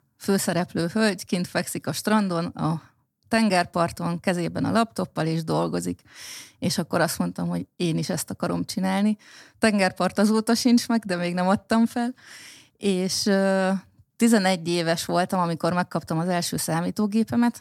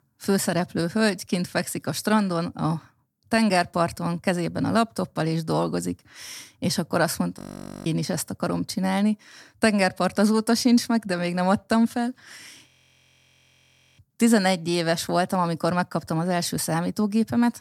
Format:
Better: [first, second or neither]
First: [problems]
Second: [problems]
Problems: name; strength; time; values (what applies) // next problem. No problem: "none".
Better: first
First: none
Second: audio freezing; at 7.5 s and at 13 s for 1.5 s